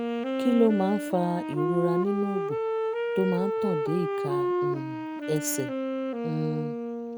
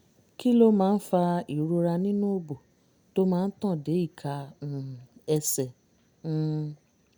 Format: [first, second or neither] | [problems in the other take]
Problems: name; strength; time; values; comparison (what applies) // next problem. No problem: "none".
second | background sound (Wind instrument, woodwind instrument); as loud as the speech